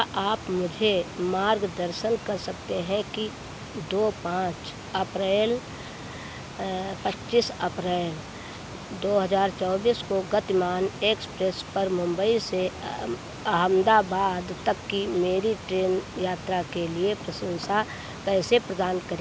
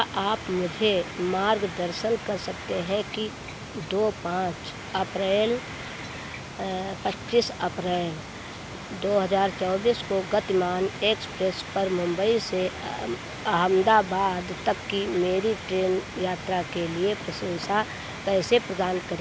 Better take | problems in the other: first | background sound (Frying (food)); 16 dB below the speech

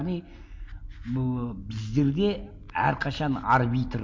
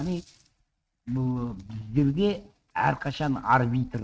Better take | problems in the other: first | noise reduction (neural mask model RNNoise)

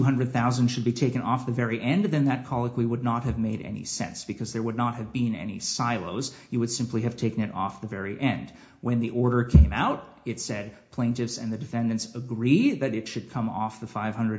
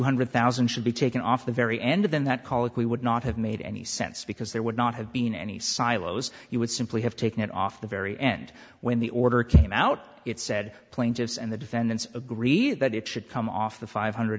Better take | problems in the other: second | room echo; dies away in 0.4 s

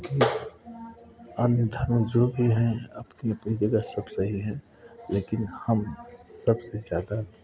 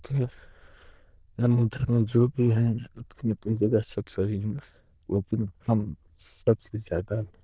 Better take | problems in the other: first | noise reduction (neural diffusion model UNIVERSE++)

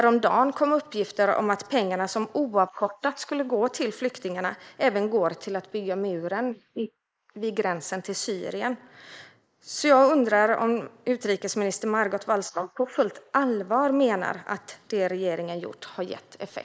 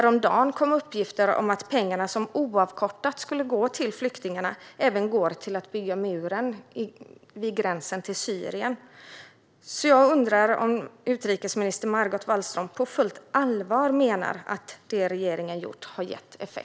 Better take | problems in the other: second | noise reduction (neural mask model Resemble Enhance denoiser)

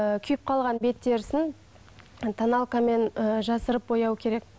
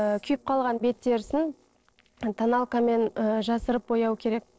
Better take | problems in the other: first | noise reduction (neural separator model SepFormer DNS4)

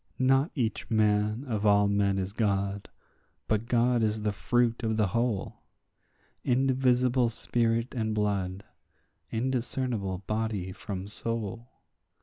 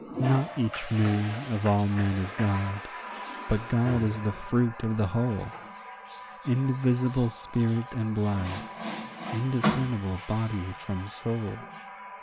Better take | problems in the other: first | background sound (Water tap, faucet); 9 dB below the speech

